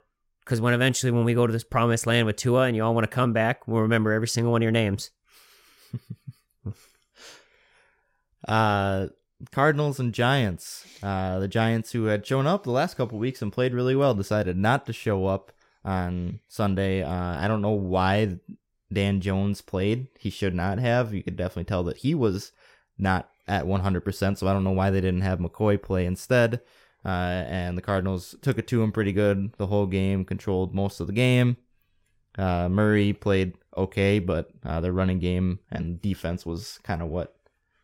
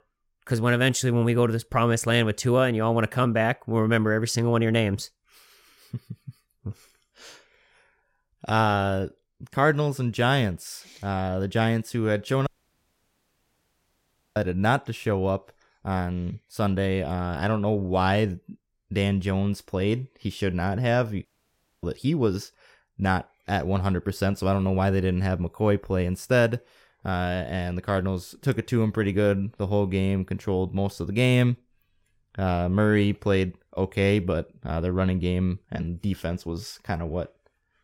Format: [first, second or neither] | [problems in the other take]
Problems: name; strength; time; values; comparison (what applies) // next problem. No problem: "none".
first | audio cutting out; at 12 s for 2 s and at 21 s for 0.5 s